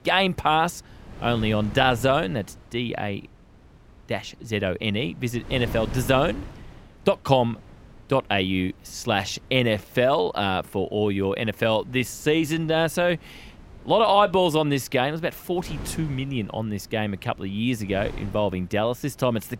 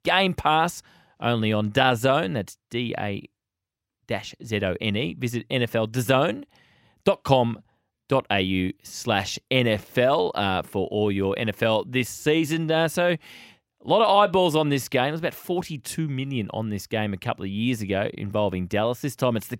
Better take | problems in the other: second | wind noise on the microphone; occasional gusts; 25 dB below the speech

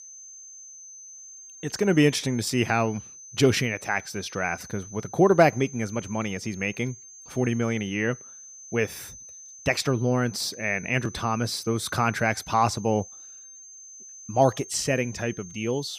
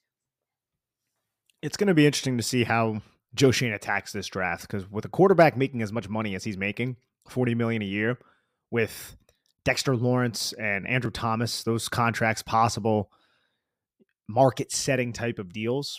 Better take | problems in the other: second | high-pitched whine; noticeable; throughout; 6 kHz, 15 dB below the speech

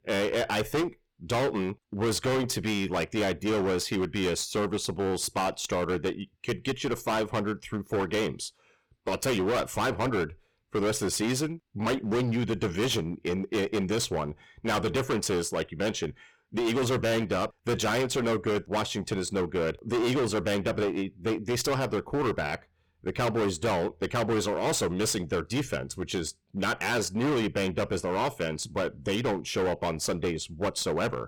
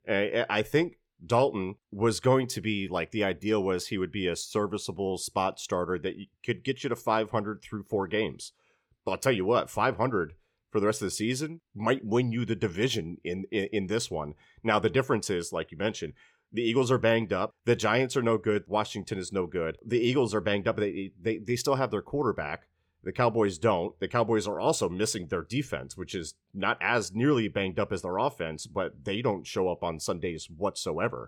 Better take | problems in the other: second | distortion; heavy; 22% of the sound clipped

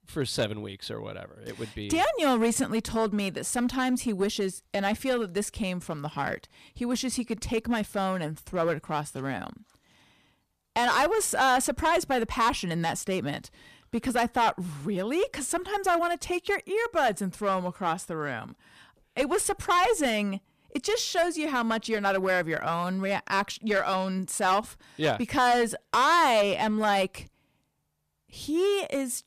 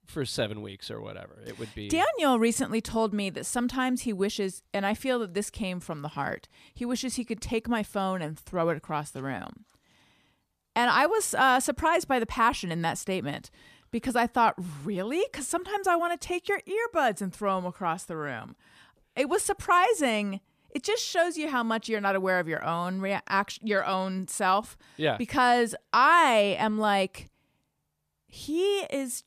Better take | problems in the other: second | distortion; slight; 6% of the sound clipped

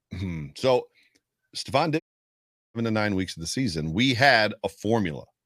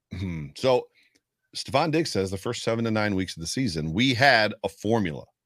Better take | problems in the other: second | audio cutting out; at 2 s for 0.5 s

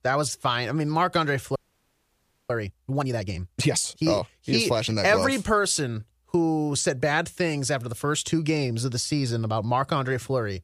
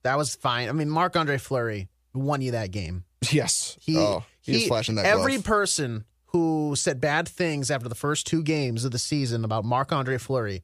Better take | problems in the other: second | audio freezing; at 1.5 s for 1 s

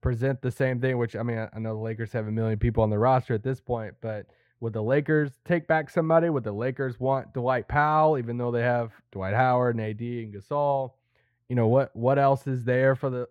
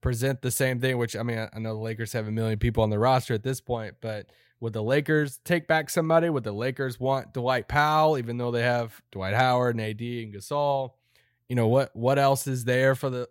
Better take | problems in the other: second | muffled; very; fading above 3.5 kHz

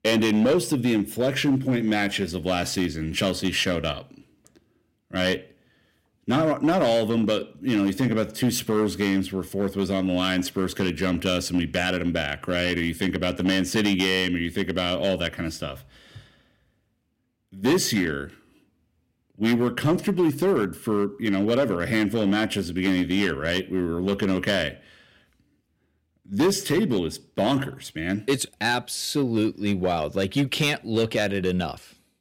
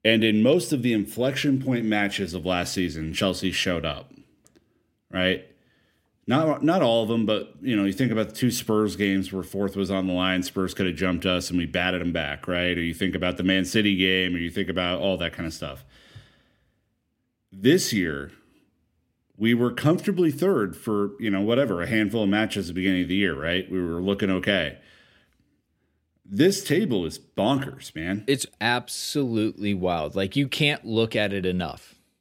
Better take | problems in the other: second | distortion; slight; 5% of the sound clipped

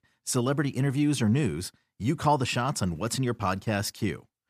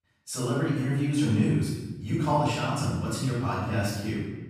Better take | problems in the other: first | off-mic speech; far // room echo; strong; dies away in 1.1 s

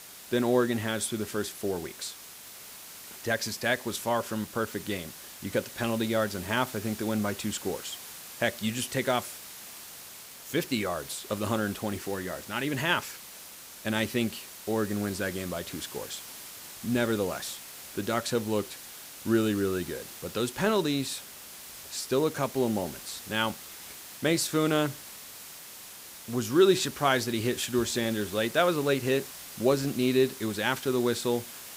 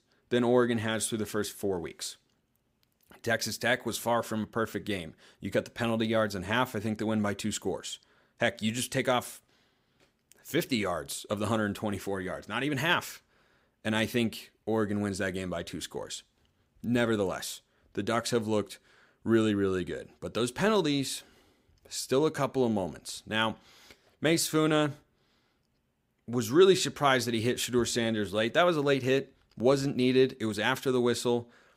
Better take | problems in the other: second | hiss; noticeable; throughout; 15 dB below the speech

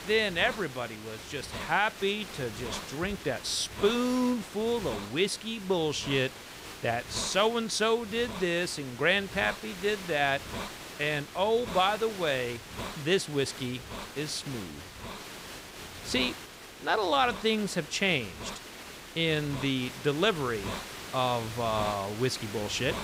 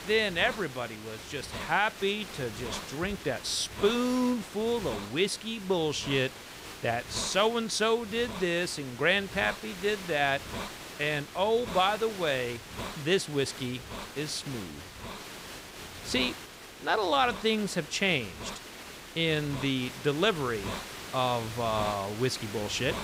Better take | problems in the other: neither | hiss; noticeable; throughout; 10 dB below the speech; the same in both

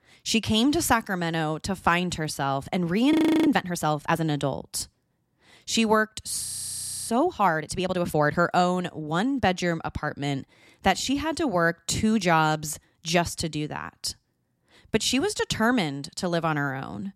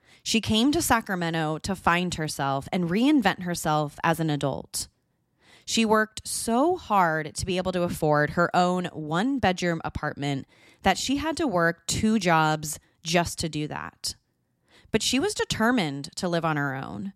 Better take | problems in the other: second | audio freezing; at 3 s and at 6.5 s for 0.5 s

